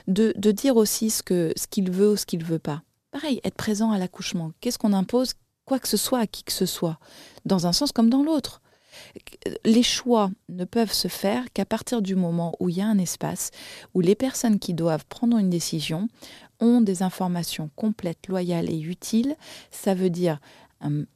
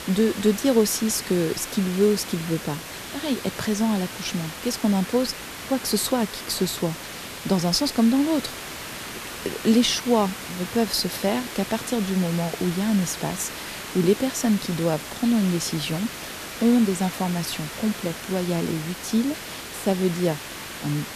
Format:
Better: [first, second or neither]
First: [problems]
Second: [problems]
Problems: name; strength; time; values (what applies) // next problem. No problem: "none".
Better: first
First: none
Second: hiss; loud; throughout; 10 dB below the speech